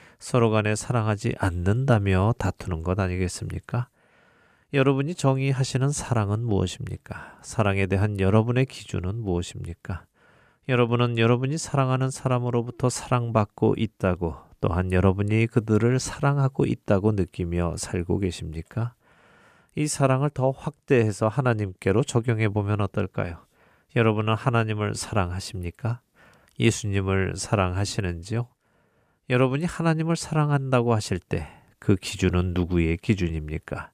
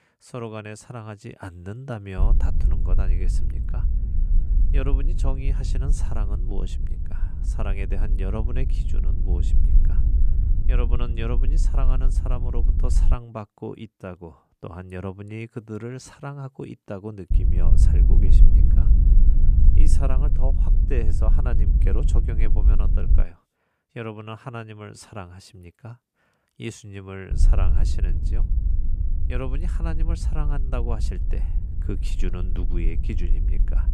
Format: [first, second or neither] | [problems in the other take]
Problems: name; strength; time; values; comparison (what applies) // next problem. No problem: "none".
first | low rumble; loud; from 2 to 13 s, from 17 to 23 s and from 27 s on; 6 dB below the speech